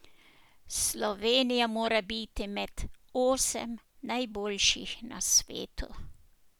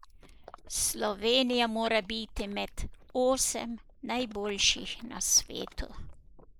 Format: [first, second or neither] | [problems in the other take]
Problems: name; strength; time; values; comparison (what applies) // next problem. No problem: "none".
first | noise reduction (neural mask model Resemble Enhance denoiser)